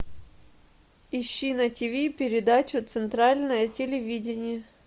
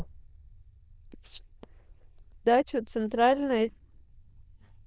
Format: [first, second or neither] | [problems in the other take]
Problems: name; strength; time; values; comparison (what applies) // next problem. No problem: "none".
first | noise reduction (neural diffusion model UNIVERSE++)